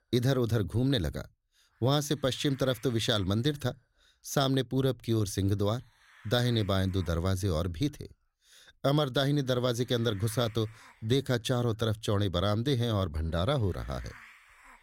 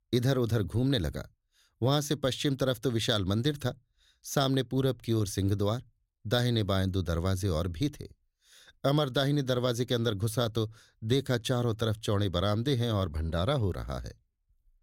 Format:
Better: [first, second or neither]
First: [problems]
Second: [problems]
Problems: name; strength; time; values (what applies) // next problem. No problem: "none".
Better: second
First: hiss; faint; throughout; 25 dB below the speech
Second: none